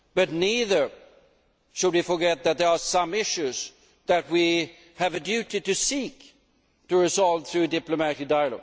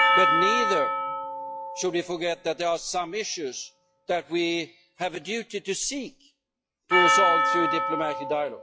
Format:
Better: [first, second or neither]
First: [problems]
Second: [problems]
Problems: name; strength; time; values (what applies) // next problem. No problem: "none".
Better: first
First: none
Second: noise reduction (classical method log-MMSE)